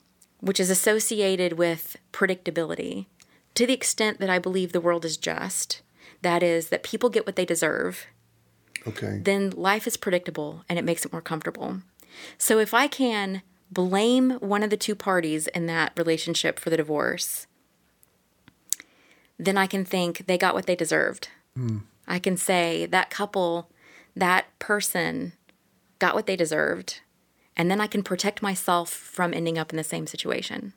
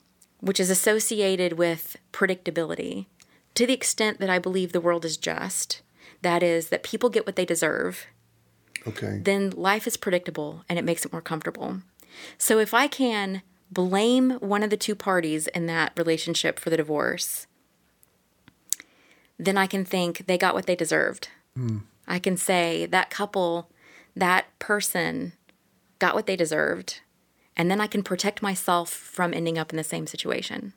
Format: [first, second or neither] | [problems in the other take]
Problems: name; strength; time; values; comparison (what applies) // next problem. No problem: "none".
neither | none